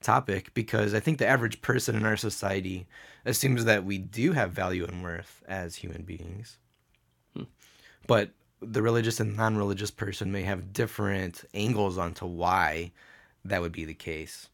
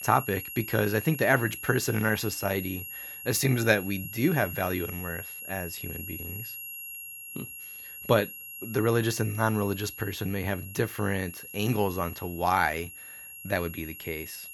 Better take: first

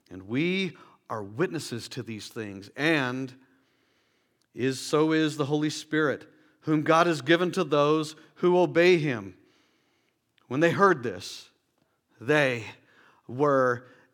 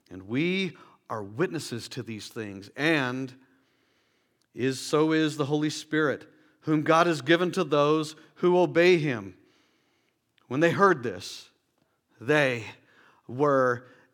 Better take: neither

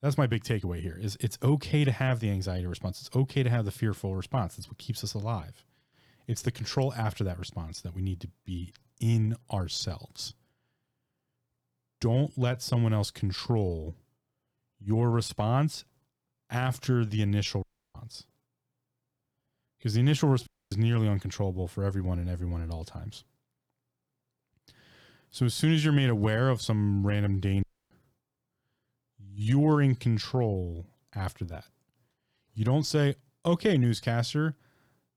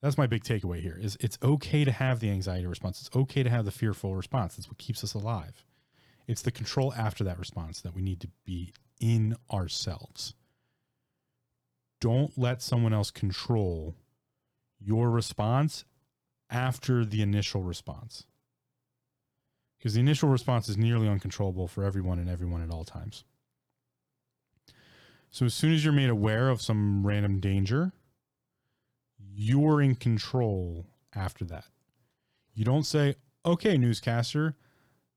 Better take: second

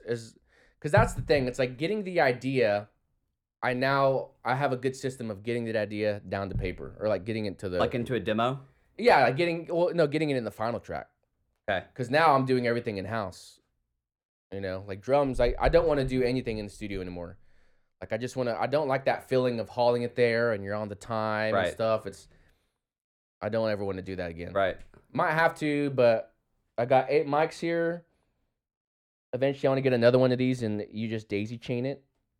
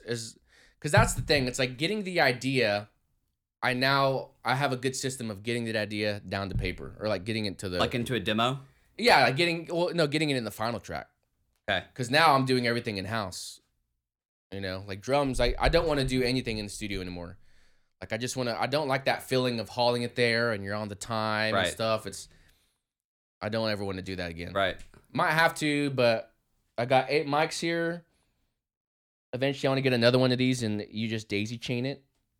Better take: second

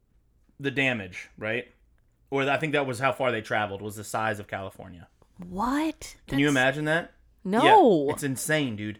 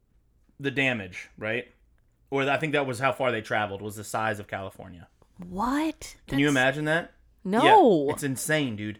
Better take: neither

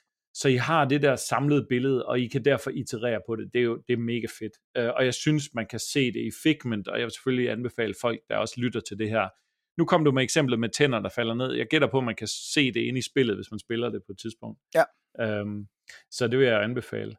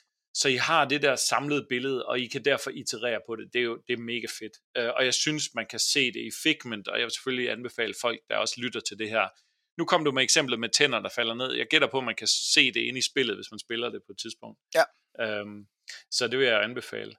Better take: first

